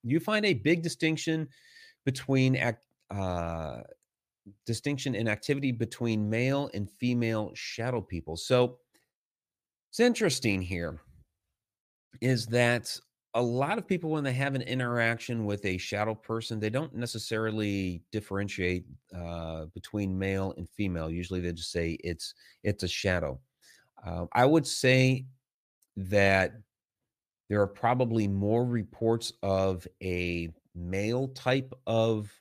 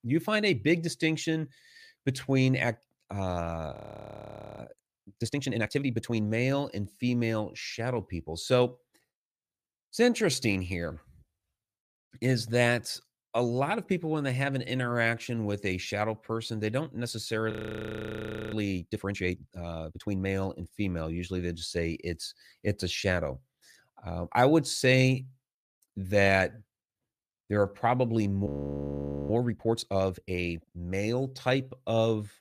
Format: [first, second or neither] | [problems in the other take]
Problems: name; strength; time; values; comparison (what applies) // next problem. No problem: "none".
first | audio freezing; at 3.5 s for 1 s, at 18 s for 1 s and at 28 s for 1 s